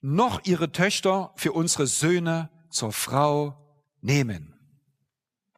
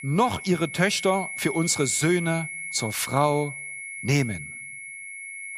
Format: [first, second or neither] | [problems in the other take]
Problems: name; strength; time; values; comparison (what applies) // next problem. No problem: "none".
first | high-pitched whine; loud; throughout; 2 kHz, 9 dB below the speech